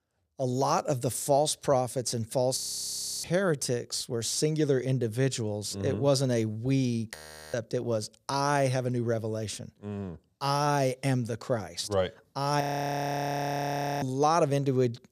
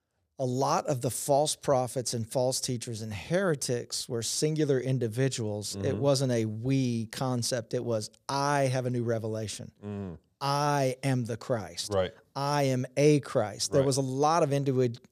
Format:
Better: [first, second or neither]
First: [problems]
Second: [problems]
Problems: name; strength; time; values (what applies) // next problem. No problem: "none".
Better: second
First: audio freezing; at 2.5 s for 0.5 s, at 7 s and at 13 s for 1.5 s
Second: none